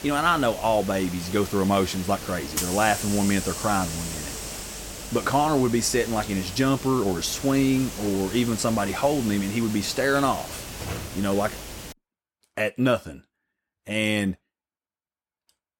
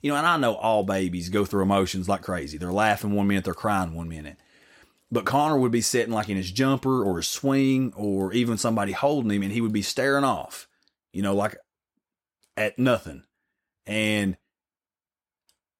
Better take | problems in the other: second | hiss; loud; until 12 s; 9 dB below the speech

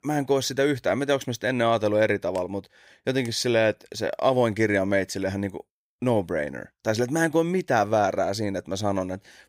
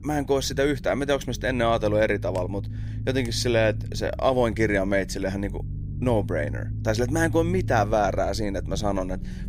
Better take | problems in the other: first | low rumble; faint; throughout; 20 dB below the speech

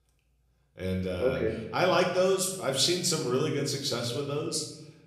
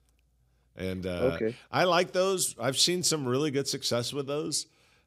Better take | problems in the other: second | room echo; slight; dies away in 0.8 s // off-mic speech; somewhat distant

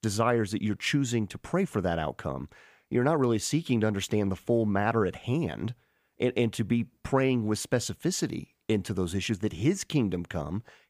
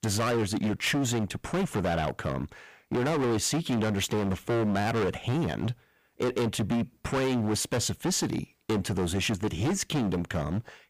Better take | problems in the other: first | distortion; heavy; 24% of the sound clipped

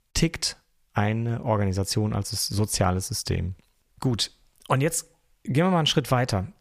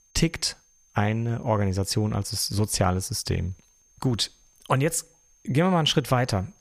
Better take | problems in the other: first | high-pitched whine; faint; throughout; 6.5 kHz, 35 dB below the speech

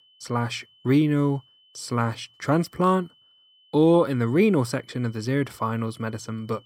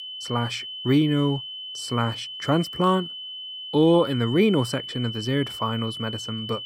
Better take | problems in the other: first | high-pitched whine; loud; throughout; 3 kHz, 9 dB below the speech; faint in the first

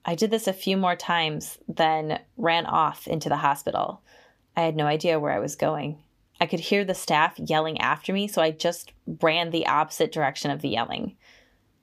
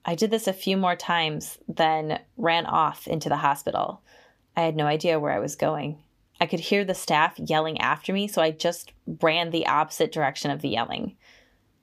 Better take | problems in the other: neither | none

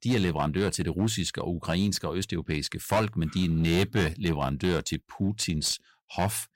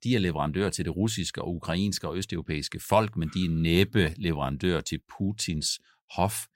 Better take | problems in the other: second | distortion; slight; 6% of the sound clipped

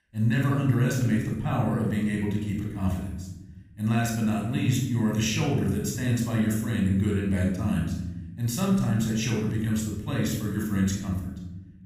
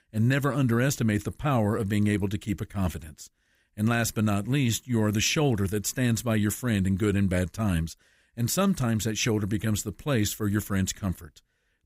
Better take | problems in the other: second | off-mic speech; somewhat distant // room echo; noticeable; dies away in 1.2 s

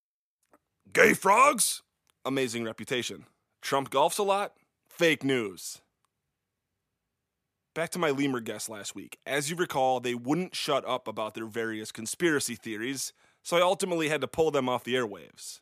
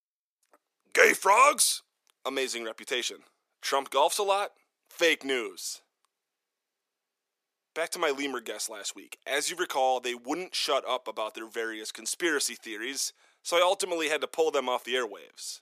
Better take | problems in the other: first | thin; somewhat; fading below 350 Hz

